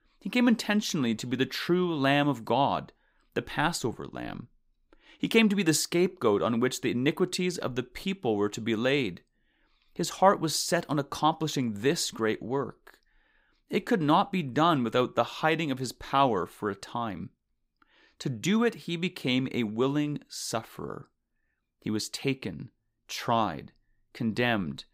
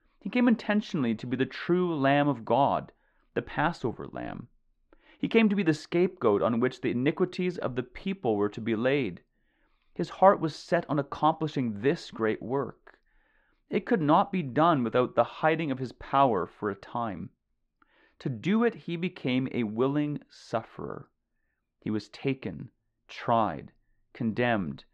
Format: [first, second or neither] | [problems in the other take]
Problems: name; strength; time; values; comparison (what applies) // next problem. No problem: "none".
first | muffled; very; fading above 2.5 kHz